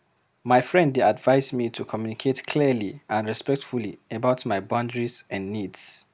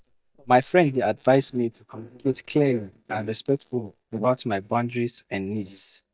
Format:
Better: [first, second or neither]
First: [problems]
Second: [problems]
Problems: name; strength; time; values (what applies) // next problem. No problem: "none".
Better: first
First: none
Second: noise reduction (neural mask model DeepFilterNet 3)